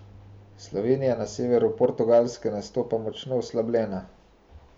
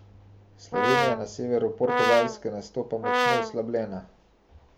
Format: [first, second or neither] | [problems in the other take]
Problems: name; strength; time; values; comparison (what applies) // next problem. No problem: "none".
first | background sound (Brass instrument); 2 dB above the speech